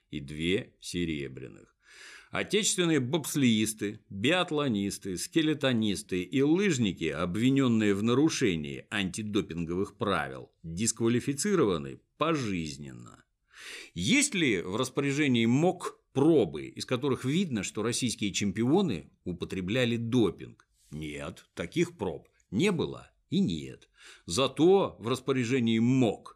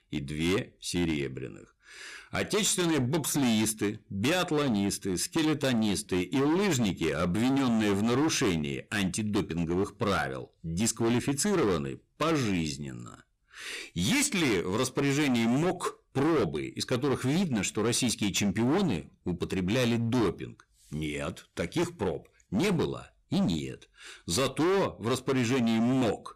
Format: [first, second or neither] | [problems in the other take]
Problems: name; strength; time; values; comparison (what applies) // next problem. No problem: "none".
first | distortion; heavy; 19% of the sound clipped